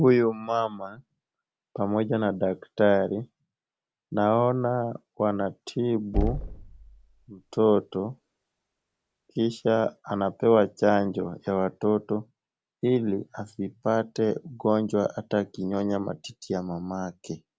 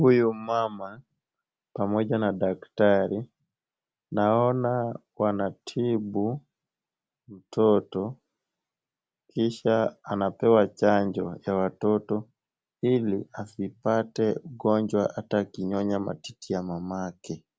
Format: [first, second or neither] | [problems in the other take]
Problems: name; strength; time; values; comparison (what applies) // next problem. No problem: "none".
second | background sound (Knock); 8 dB below the speech